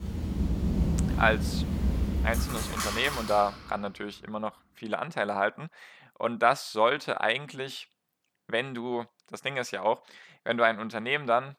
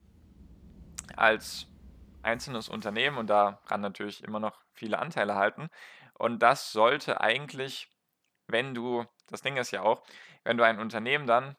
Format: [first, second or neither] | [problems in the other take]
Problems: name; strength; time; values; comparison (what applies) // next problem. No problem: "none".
second | rain or running water; loud; until 3 s; 1 dB below the speech; faint in the second